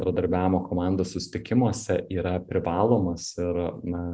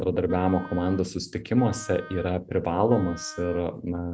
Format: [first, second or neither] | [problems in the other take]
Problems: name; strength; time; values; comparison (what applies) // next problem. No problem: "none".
first | background sound (Wind instrument, woodwind instrument); 19 dB below the speech